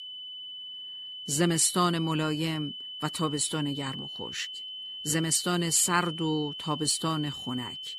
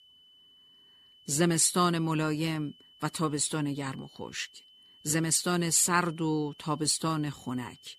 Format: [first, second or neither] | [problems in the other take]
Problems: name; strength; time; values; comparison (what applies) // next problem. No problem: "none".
second | high-pitched whine; loud; throughout; 3 kHz, 9 dB below the speech; faint in the second